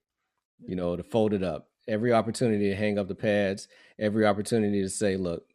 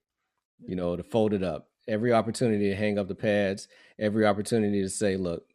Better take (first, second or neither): neither